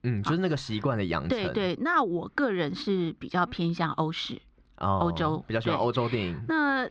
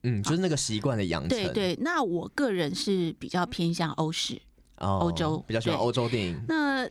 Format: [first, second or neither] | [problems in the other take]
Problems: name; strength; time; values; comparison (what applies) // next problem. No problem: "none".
second | muffled; slightly; fading above 3.5 kHz